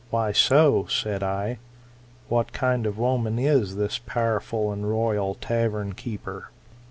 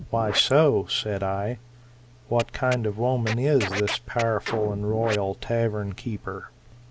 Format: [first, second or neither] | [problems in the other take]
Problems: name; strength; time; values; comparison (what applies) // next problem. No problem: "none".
first | background sound (Scratching (performance technique)); 12 dB below the speech